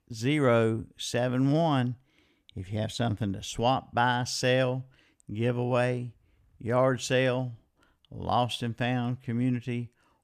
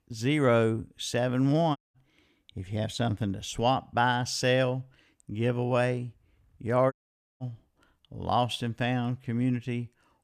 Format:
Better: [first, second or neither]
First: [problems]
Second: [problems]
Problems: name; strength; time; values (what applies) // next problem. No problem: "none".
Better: first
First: none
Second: audio cutting out; at 2 s and at 7 s